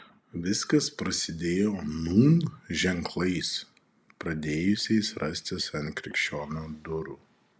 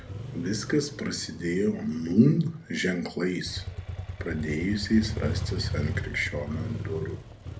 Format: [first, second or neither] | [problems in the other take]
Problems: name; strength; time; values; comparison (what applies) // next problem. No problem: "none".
first | background sound (Motorcycle); 7 dB below the speech // room echo; dies away in 0.3 s